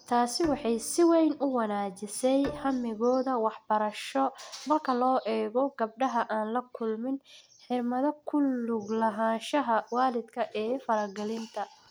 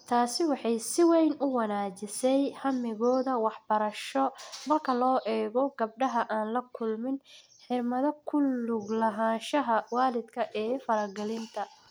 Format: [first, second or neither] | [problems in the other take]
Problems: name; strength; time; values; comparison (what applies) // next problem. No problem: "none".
second | background sound (Bowed string instrument); 17 dB below the speech